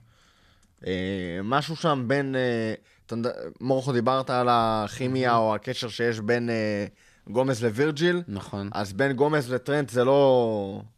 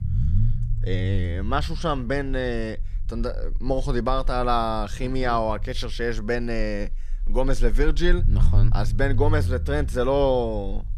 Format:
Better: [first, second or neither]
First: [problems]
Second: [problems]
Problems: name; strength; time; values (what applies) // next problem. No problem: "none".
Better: first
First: none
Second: low rumble; noticeable; throughout; 15 dB below the speech